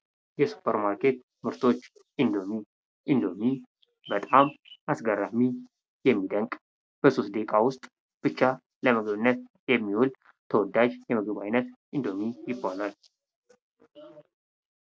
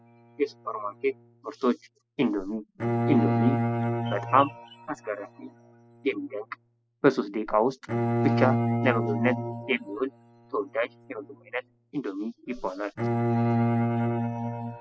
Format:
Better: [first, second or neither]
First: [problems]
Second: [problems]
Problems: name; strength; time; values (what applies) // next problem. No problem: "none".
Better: first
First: none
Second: noise reduction (classical method spectral subtraction)